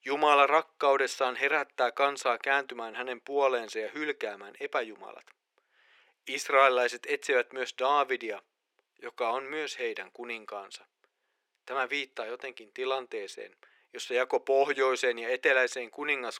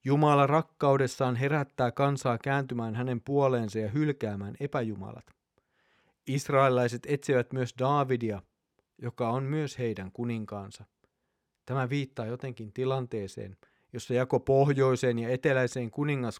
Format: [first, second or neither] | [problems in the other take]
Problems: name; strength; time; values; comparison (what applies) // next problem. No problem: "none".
second | thin; very; fading below 400 Hz